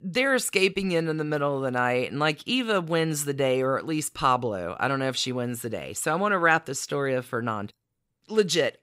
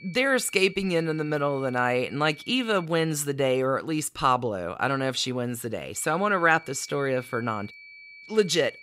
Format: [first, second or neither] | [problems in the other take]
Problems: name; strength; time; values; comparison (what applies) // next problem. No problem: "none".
first | high-pitched whine; faint; until 3 s and from 6 s on; 2.5 kHz, 20 dB below the speech